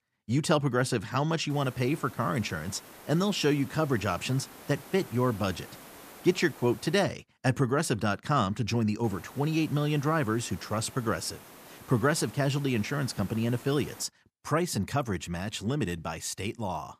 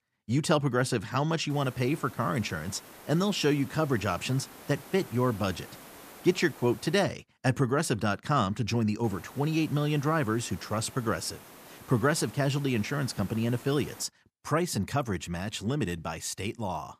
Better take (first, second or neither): neither